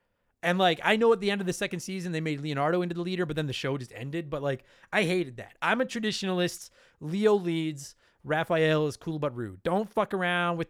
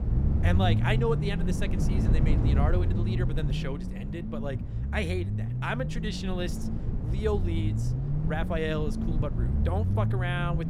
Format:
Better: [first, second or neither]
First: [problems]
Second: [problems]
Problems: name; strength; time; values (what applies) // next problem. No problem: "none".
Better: first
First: none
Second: low rumble; loud; throughout; 6 dB below the speech